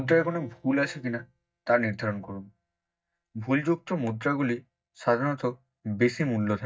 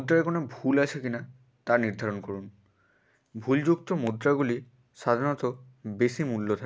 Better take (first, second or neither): second